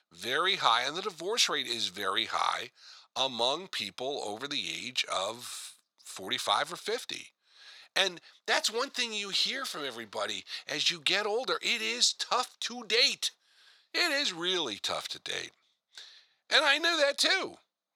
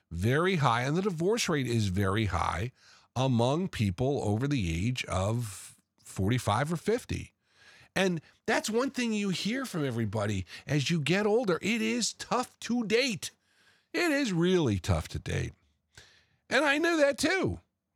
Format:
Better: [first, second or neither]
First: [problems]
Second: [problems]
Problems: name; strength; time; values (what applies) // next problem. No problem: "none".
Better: second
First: thin; very; fading below 600 Hz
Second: none